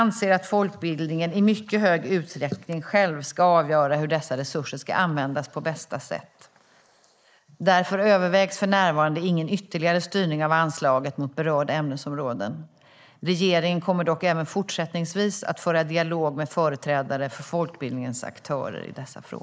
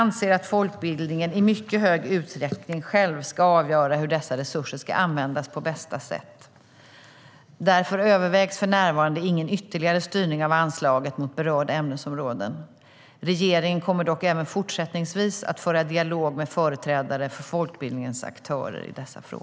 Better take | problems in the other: second | noise reduction (neural mask model Resemble Enhance denoiser)

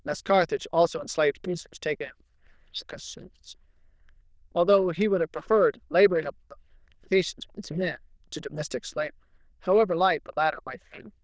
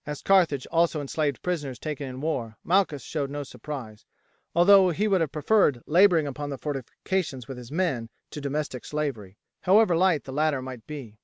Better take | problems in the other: second | noise reduction (neural diffusion model UNIVERSE++)

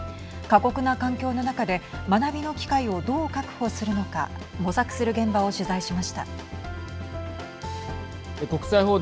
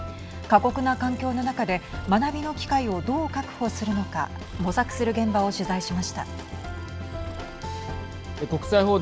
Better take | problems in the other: first | background sound (Breathing); 19 dB below the speech

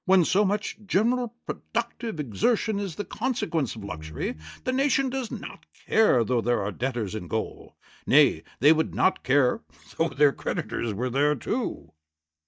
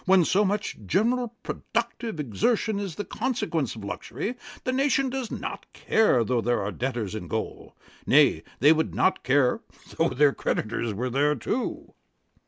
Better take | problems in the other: second | noise reduction (neural mask model DeepFilterNet 3)

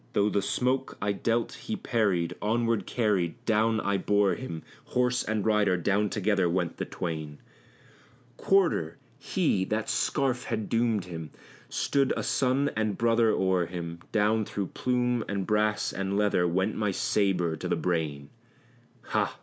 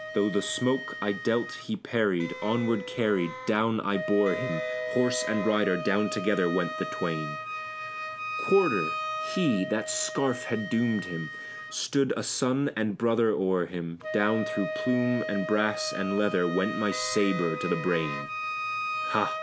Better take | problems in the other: first | background sound (Wind instrument, woodwind instrument + Wind instrument, woodwind instrument); 7 dB below the speech

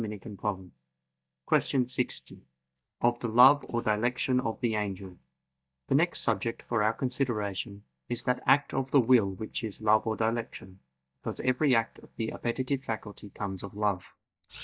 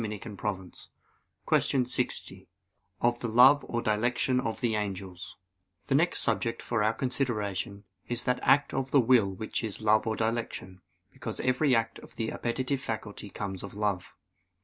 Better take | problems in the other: second | noise reduction (neural mask model DeepFilterNet 3)

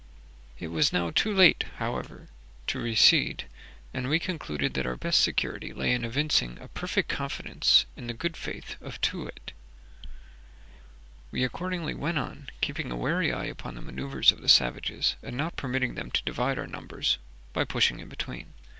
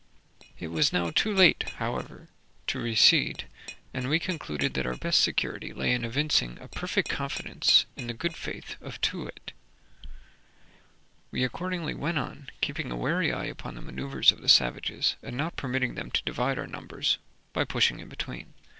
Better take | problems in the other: first | noise reduction (neural separator model SepFormer DNS4)

